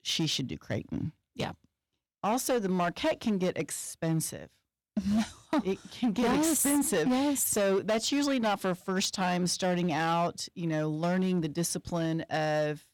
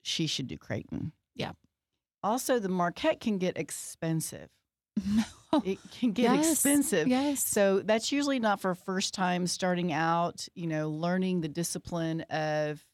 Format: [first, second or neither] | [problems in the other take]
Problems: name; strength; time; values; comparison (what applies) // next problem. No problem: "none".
second | distortion; slight; 10% of the sound clipped